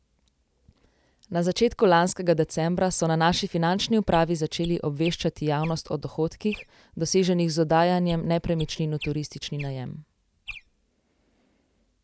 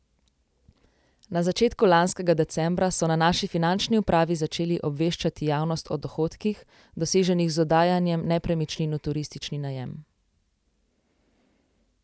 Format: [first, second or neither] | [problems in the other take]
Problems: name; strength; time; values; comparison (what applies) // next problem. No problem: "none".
second | background sound (Chirp, tweet); 18 dB below the speech